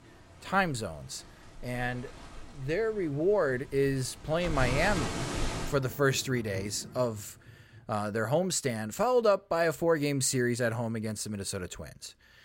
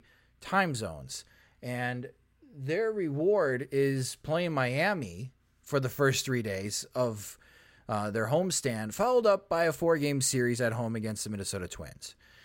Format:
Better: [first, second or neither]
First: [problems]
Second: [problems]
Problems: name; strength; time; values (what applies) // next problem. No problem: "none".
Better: second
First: rain or running water; loud; until 7.5 s; 9 dB below the speech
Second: none